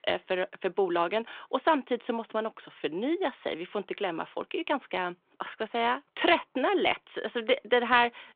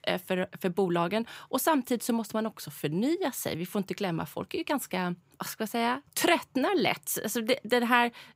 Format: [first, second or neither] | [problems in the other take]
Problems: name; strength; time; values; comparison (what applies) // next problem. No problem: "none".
second | phone-call audio